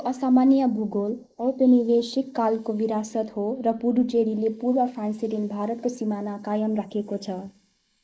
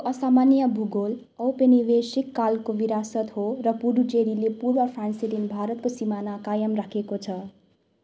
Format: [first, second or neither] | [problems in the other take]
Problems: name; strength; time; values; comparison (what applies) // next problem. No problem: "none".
second | noise reduction (neural mask model Resemble Enhance denoiser)